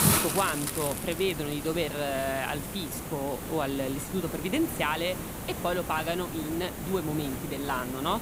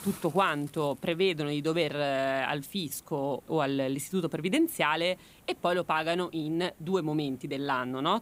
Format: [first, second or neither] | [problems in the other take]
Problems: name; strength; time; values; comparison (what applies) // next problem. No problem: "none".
second | hiss; loud; throughout; 3 dB below the speech; faint in the second